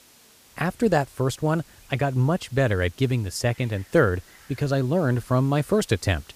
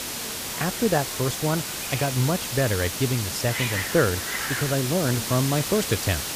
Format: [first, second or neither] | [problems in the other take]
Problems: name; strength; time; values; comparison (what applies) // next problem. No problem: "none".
first | hiss; loud; throughout; 2 dB below the speech; faint in the first